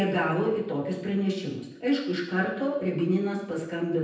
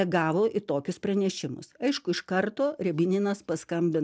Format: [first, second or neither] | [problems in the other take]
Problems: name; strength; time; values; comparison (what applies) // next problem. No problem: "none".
second | room echo; dies away in 0.9 s